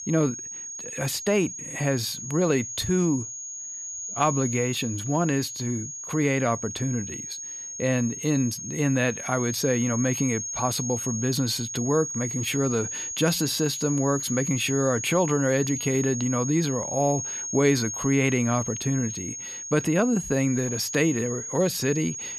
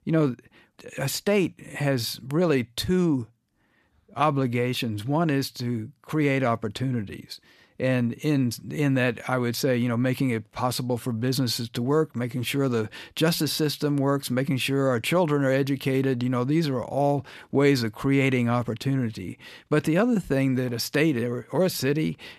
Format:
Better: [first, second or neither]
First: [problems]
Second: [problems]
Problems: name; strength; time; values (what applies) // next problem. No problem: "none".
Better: second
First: high-pitched whine; loud; throughout; 6.5 kHz, 6 dB below the speech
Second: none